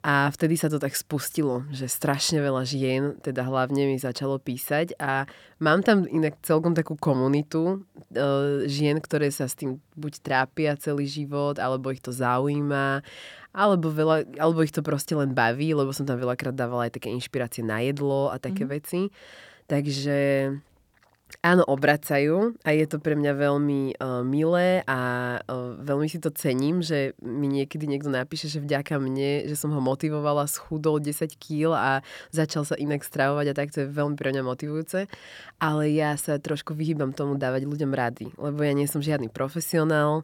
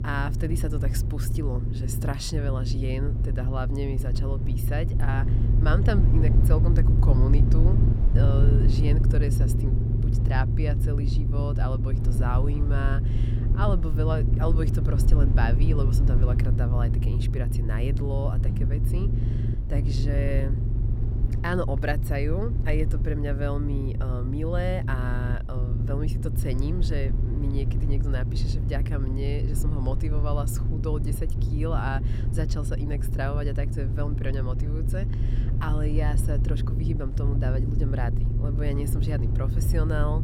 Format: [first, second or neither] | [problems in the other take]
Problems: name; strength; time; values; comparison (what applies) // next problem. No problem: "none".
first | low rumble; loud; throughout; 4 dB below the speech